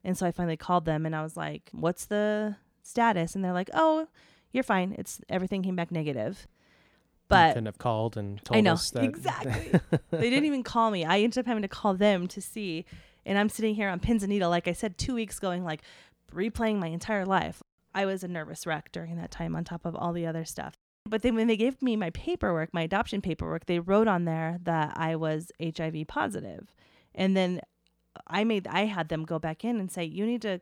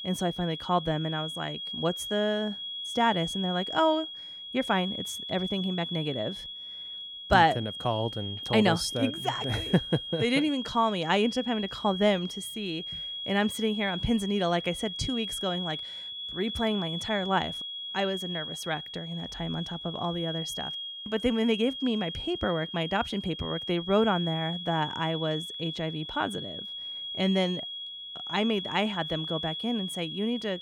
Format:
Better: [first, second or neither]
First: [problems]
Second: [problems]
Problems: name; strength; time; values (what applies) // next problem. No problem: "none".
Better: first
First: none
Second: high-pitched whine; loud; throughout; 3.5 kHz, 6 dB below the speech